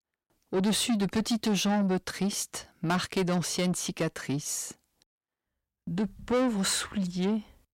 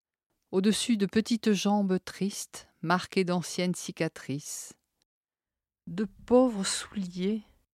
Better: second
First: distortion; heavy; 7 dB below the speech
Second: none

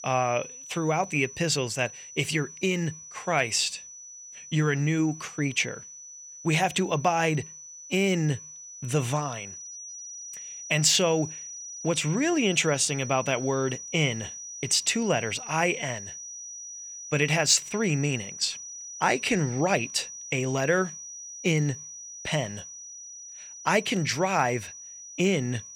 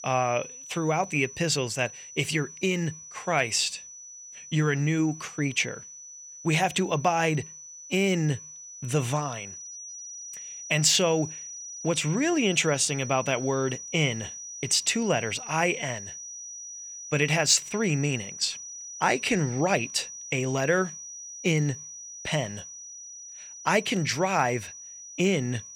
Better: neither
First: high-pitched whine; noticeable; throughout; 6 kHz, 10 dB below the speech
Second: high-pitched whine; noticeable; throughout; 6 kHz, 10 dB below the speech

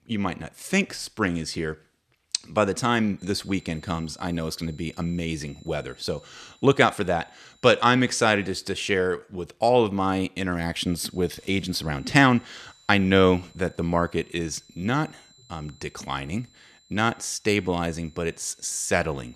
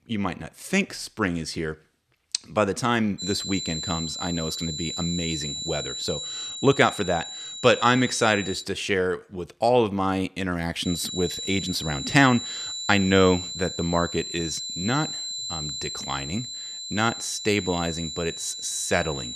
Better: first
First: high-pitched whine; faint; from 3 to 8.5 s and from 11 s on; 4 kHz, 30 dB below the speech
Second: high-pitched whine; loud; from 3 to 8.5 s and from 11 s on; 4 kHz, 6 dB below the speech

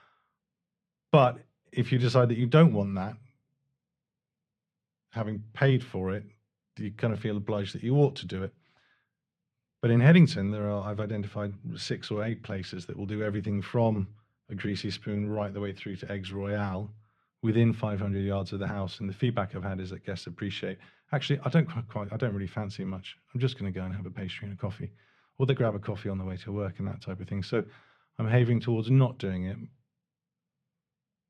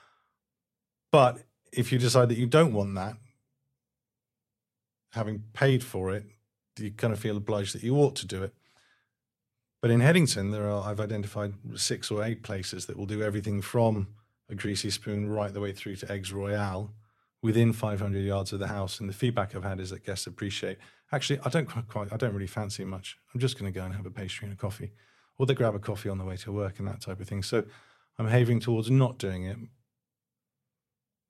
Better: second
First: muffled; very slightly; fading above 3 kHz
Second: none

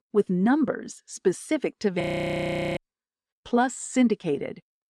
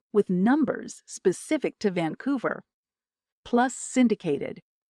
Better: second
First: audio freezing; at 2 s for 1 s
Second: none

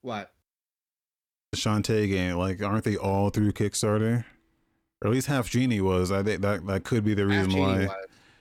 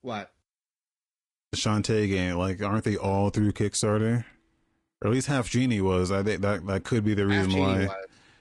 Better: first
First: none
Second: garbled, watery; slightly

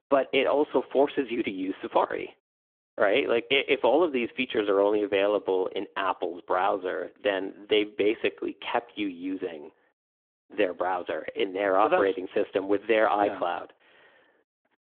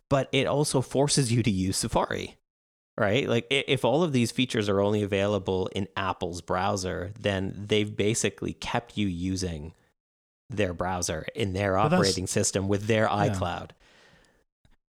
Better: second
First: phone-call audio; nothing above 3.5 kHz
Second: none

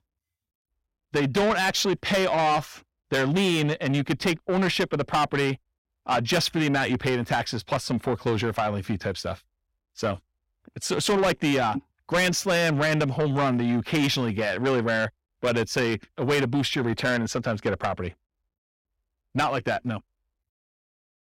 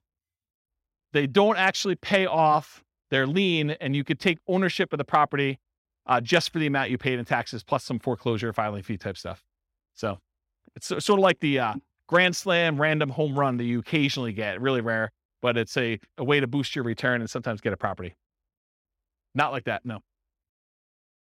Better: second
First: distortion; heavy; 6 dB below the speech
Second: none

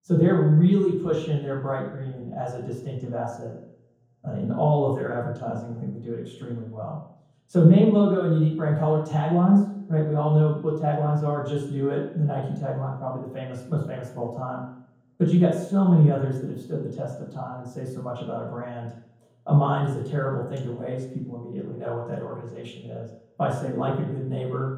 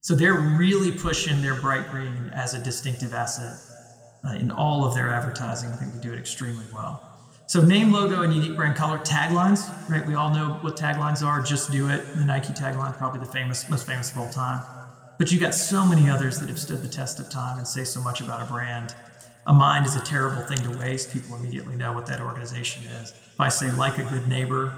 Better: second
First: room echo; strong; dies away in 0.9 s // off-mic speech; far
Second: room echo; slight; dies away in 1.9 s

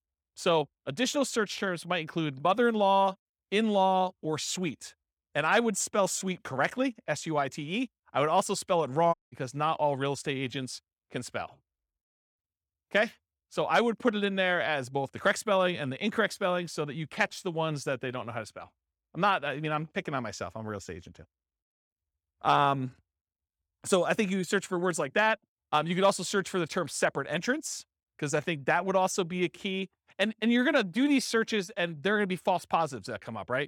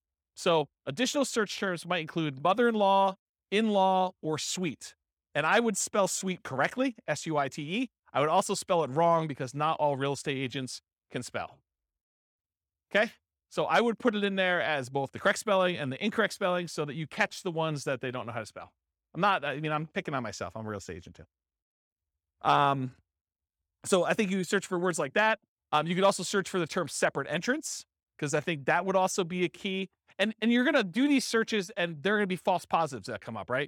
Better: second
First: audio cutting out; at 9 s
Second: none

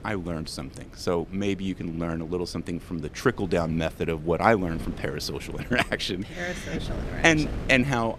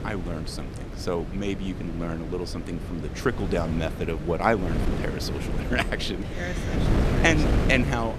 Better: first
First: wind noise on the microphone; occasional gusts; 20 dB below the speech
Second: wind noise on the microphone; heavy; 7 dB below the speech

